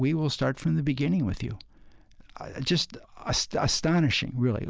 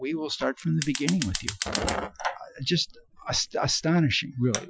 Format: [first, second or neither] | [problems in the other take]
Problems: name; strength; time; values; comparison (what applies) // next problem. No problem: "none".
first | noise reduction (classical method Wiener filter)